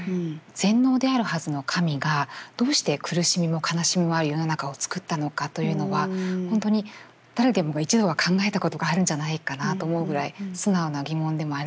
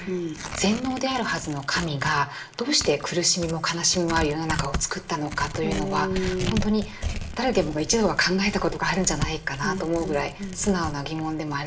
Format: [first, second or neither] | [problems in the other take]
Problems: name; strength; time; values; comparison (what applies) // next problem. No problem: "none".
first | background sound (Tearing); 9 dB below the speech // room echo; dies away in 0.4 s